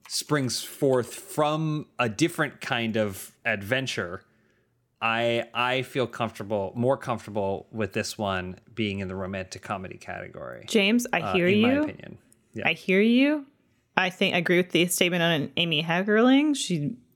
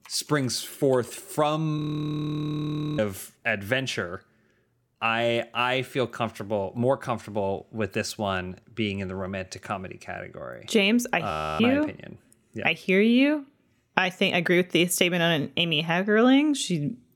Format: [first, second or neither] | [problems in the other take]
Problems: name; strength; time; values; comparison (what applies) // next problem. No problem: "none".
first | audio freezing; at 2 s for 1 s and at 11 s